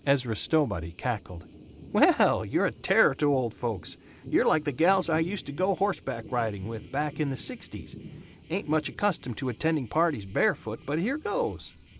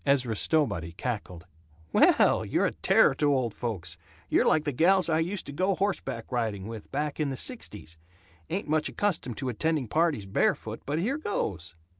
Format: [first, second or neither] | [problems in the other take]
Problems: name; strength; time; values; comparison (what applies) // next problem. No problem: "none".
second | background sound (Thunder); 19 dB below the speech